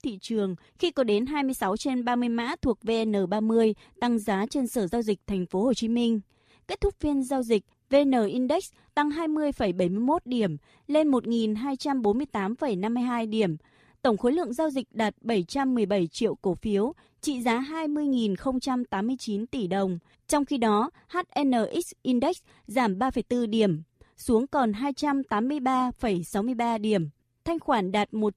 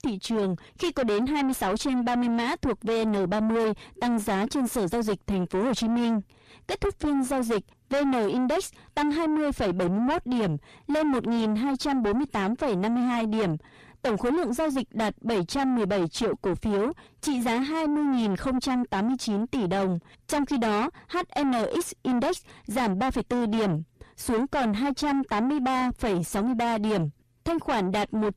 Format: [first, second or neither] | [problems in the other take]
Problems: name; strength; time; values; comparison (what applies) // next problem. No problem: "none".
first | distortion; heavy; 5 dB below the speech